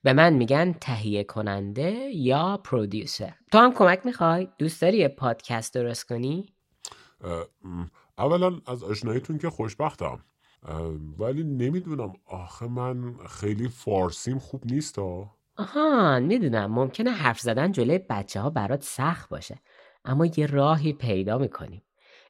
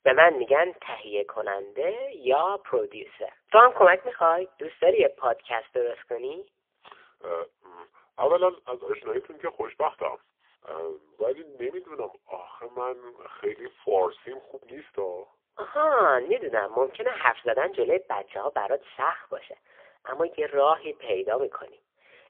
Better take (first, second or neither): first